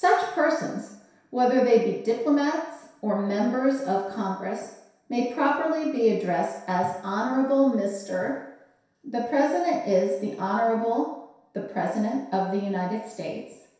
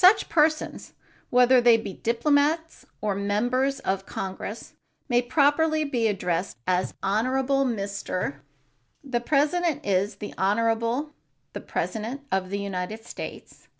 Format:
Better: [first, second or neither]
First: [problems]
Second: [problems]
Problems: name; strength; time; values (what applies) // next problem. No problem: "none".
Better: second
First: room echo; dies away in 0.7 s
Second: none